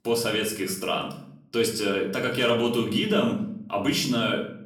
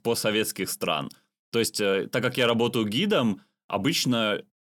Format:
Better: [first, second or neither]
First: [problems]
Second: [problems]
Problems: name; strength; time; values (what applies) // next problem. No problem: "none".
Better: second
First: room echo; slight; dies away in 0.5 s // off-mic speech; somewhat distant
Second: none